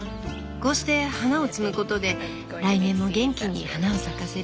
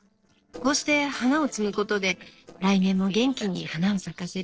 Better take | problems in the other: first | noise reduction (neural separator model SepFormer DNS4)

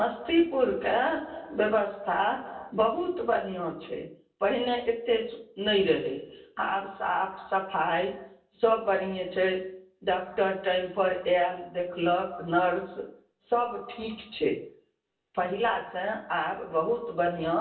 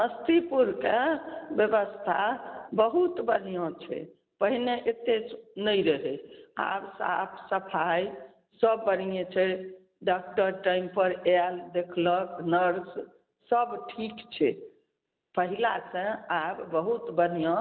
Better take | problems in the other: second | room echo; dies away in 0.3 s

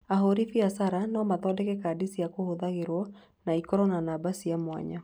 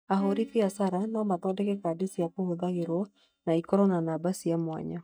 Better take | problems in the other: first | noise reduction (neural mask model DeepFilterNet 3)

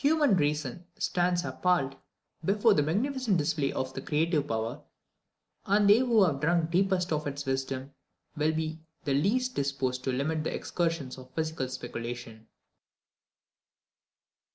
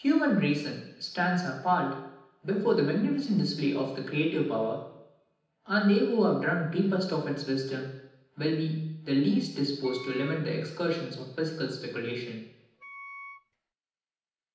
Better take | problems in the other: first | background sound (Wind instrument, woodwind instrument); 18 dB below the speech // room echo; dies away in 0.9 s

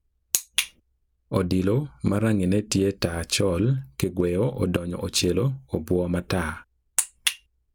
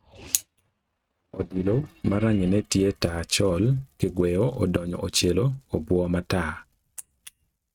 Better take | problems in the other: first | noise reduction (neural mask model RNNoise)

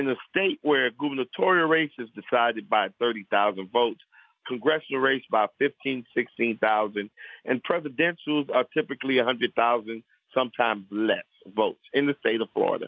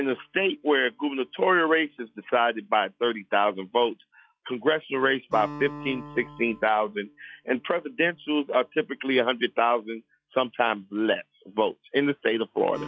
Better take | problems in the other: first | noise reduction (classical method log-MMSE)

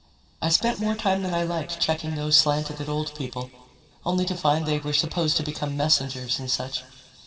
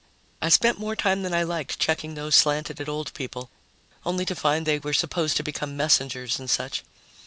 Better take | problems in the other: second | room echo; dies away in 2 s

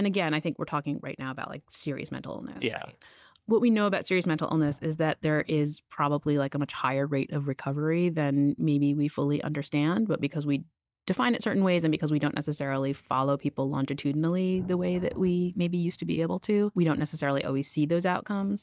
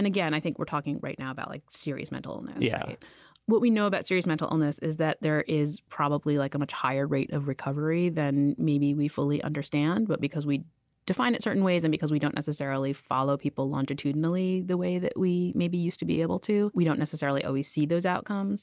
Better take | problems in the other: second | noise reduction (neural mask model DeepFilterNet 3)

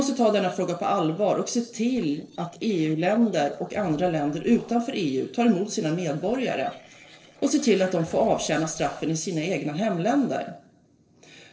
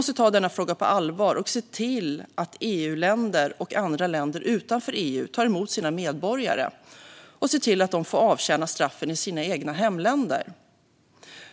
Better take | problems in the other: second | noise reduction (neural separator model SepFormer DNS4)

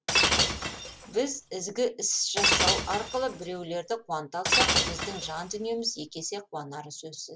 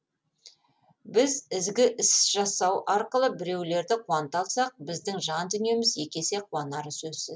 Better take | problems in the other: second | background sound (Shatter); 4 dB above the speech

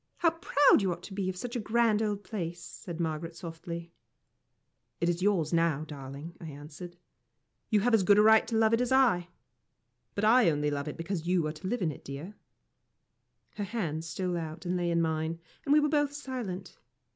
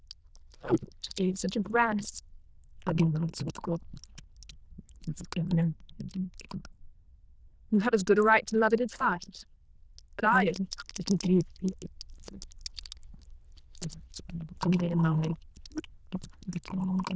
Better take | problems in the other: first | noise reduction (neural diffusion model UNIVERSE++)

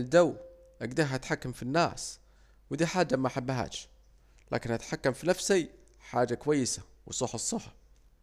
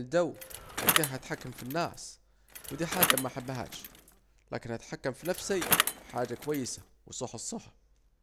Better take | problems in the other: first | background sound (Bicycle); 2 dB above the speech

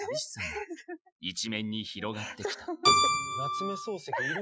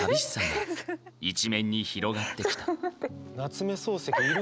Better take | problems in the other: second | noise reduction (classical method Wiener filter)

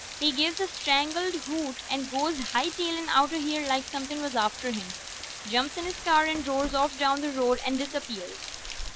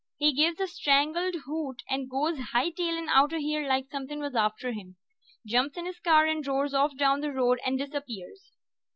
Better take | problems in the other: second | background sound (Rain); 10 dB below the speech

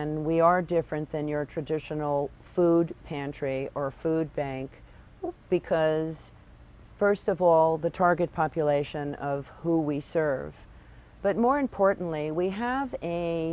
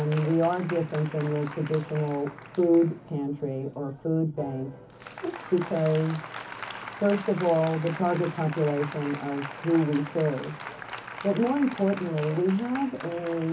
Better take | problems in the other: first | background sound (Applause); 14 dB below the speech // room echo; dies away in 0.3 s

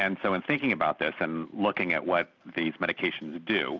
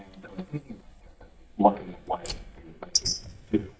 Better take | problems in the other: first | noise reduction (neural mask model DeepFilterNet 3)

